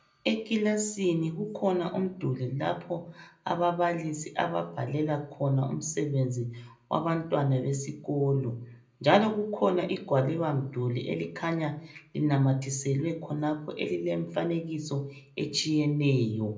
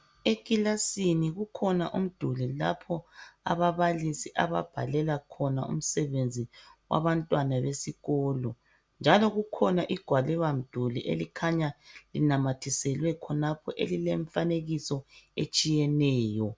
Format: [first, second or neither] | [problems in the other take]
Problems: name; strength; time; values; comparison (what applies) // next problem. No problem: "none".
second | room echo; dies away in 0.5 s